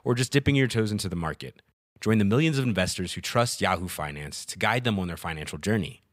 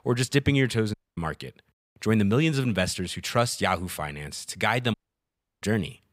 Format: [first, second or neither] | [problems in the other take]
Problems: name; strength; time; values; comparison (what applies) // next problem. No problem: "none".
first | audio cutting out; at 1 s and at 5 s for 0.5 s